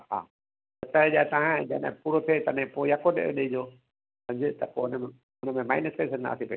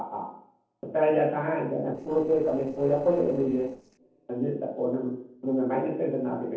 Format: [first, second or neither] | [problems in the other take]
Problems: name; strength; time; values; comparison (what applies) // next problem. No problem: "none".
first | noise reduction (neural separator model SepFormer DNS4)